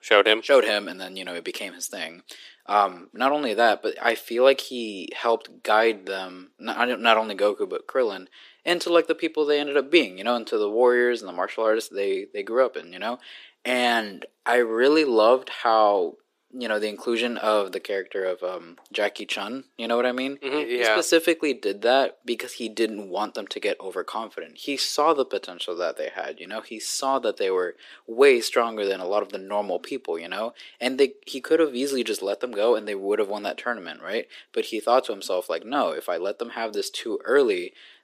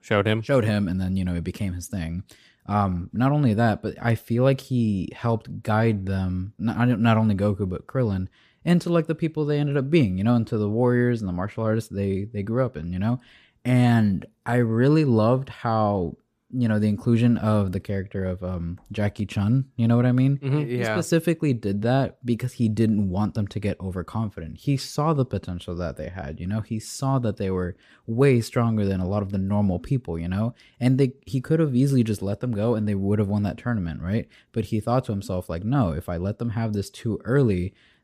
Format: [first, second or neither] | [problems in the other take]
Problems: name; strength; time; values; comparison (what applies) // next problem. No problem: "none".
second | thin; very; fading below 350 Hz